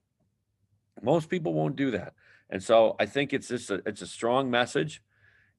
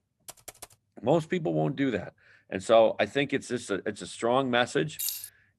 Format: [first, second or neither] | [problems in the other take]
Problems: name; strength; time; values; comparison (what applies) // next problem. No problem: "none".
first | keyboard typing; faint; at 0.5 s; peak 15 dB below the speech // jangling keys; noticeable; at 5 s; peak 4 dB below the speech